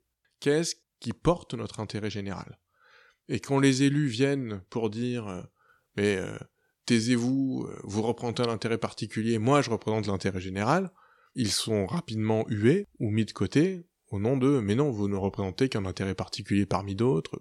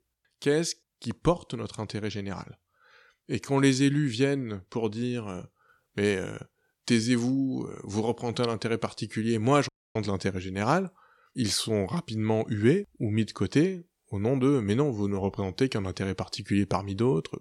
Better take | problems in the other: first | audio cutting out; at 9.5 s

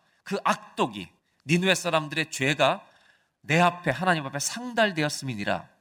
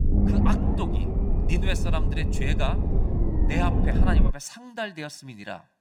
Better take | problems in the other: first | low rumble; loud; until 4.5 s; 2 dB below the speech

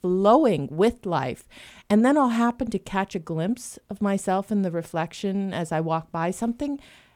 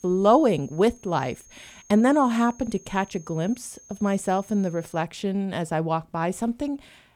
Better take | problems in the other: first | high-pitched whine; faint; until 5 s; 6.5 kHz, 25 dB below the speech

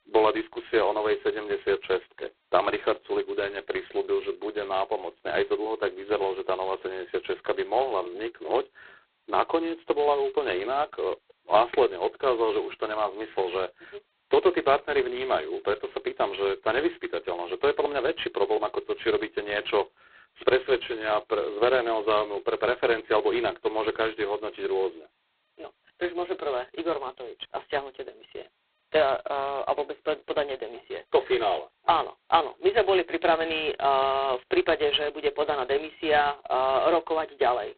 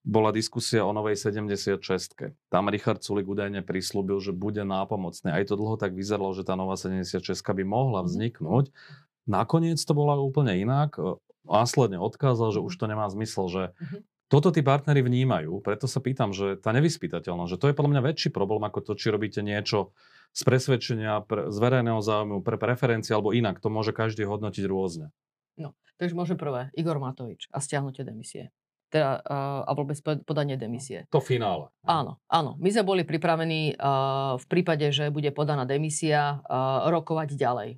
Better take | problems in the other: second | phone-call audio; poor line; nothing above 4 kHz

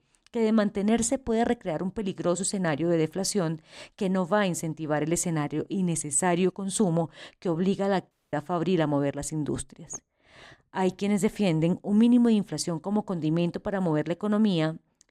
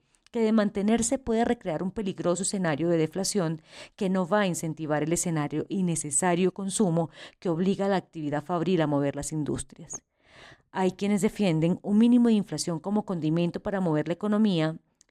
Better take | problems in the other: second | audio cutting out; at 8 s

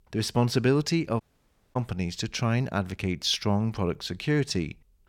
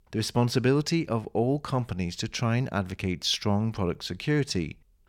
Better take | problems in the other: second | audio cutting out; at 1 s for 0.5 s

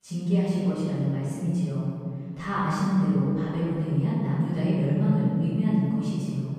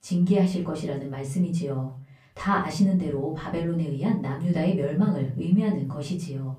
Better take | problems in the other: second | room echo; strong; dies away in 2.3 s; slight in the second // off-mic speech; far; far in the second

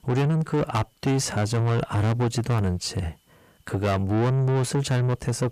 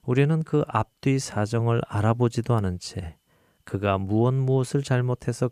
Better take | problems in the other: second | distortion; heavy; 8 dB below the speech

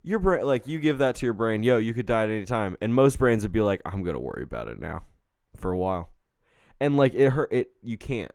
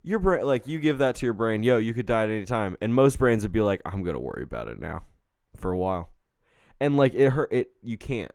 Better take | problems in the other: neither | garbled, watery; slightly; nothing above 19 kHz; the same in both

